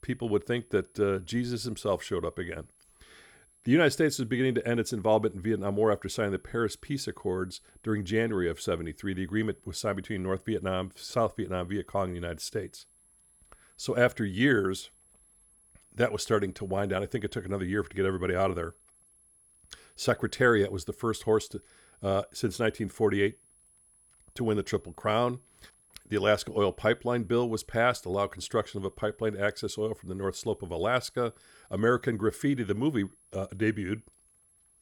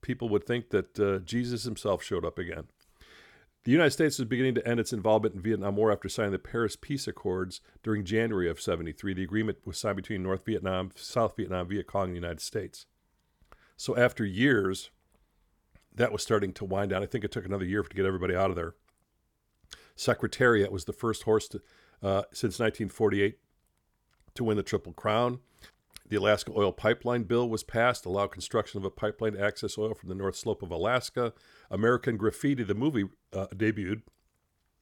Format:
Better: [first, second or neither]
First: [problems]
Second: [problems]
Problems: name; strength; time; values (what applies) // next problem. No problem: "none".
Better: second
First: high-pitched whine; faint; throughout; 11 kHz, 30 dB below the speech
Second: none